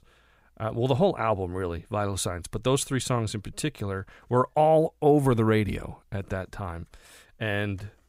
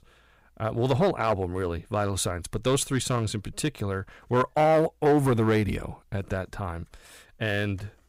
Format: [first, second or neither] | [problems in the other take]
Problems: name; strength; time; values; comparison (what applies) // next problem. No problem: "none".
first | distortion; slight; 4% of the sound clipped